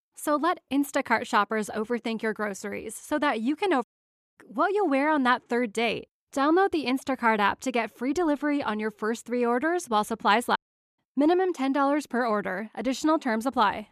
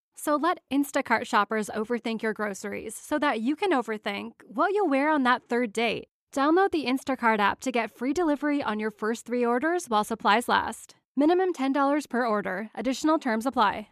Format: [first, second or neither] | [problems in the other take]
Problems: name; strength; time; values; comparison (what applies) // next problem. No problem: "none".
second | audio cutting out; at 4 s for 0.5 s and at 11 s